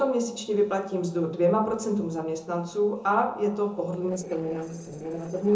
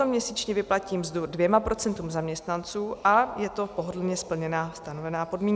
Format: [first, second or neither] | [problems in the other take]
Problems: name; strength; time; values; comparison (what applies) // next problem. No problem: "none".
second | noise reduction (neural separator model SepFormer DNS4)